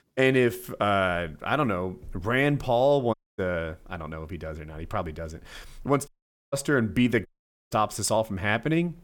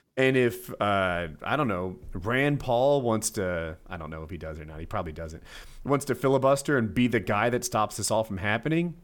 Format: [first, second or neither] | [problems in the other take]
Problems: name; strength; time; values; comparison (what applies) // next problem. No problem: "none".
second | audio cutting out; at 3 s, at 6 s and at 7.5 s